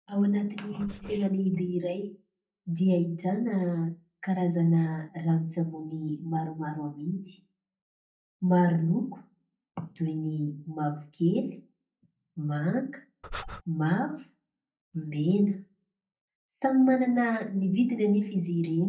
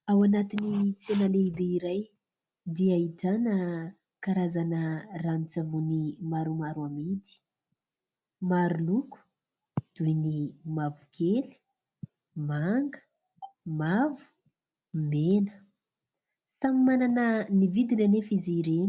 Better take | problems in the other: second | noise reduction (neural mask model DeepFilterNet 3)

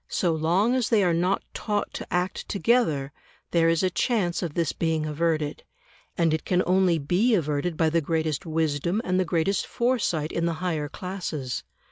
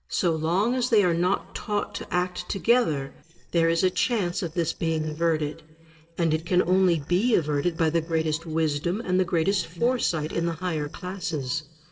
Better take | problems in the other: first | noise reduction (neural separator model SepFormer DNS4)

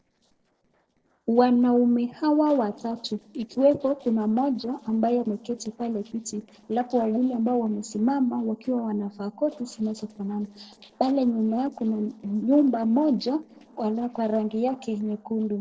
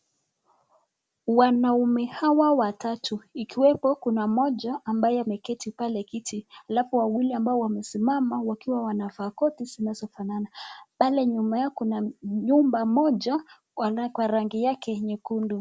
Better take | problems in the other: second | noise reduction (neural separator model SepFormer DNS4)

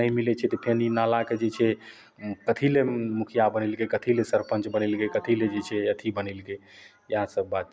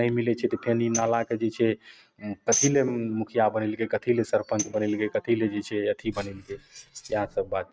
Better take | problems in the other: first | noise reduction (neural mask model RNNoise)

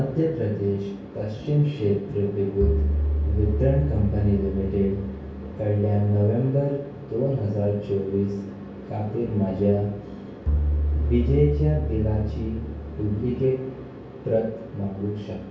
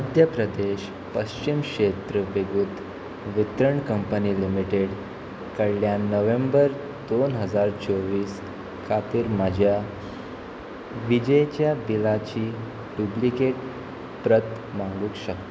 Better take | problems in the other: second | background sound (Bowed string instrument); 1 dB below the speech // room echo; dies away in 0.6 s

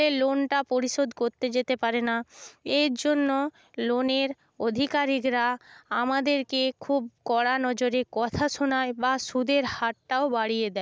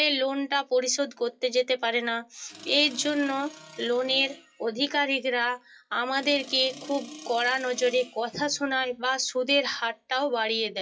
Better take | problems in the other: first | noise reduction (classical method WPE with log-MMSE)

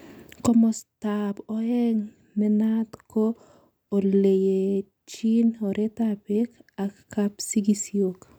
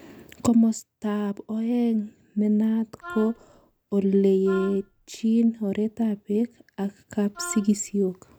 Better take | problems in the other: first | background sound (Wind instrument, woodwind instrument); 17 dB below the speech

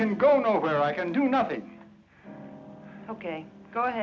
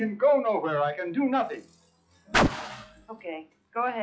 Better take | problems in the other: first | noise reduction (classical method log-MMSE)

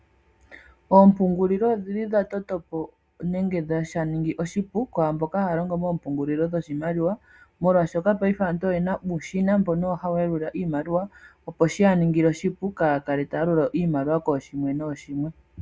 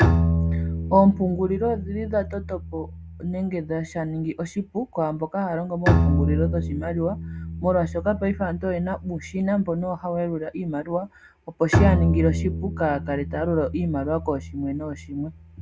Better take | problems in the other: first | background sound (Bowed string instrument); 1 dB below the speech

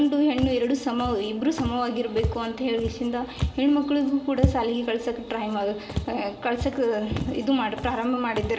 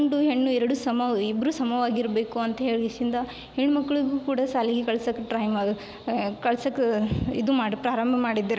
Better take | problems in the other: second | background sound (Walk, footsteps); 8 dB below the speech // room echo; dies away in 1.8 s

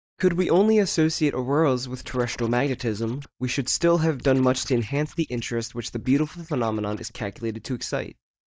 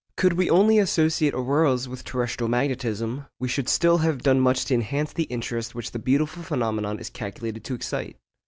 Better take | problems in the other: second | noise reduction (neural mask model DeepFilterNet 3)

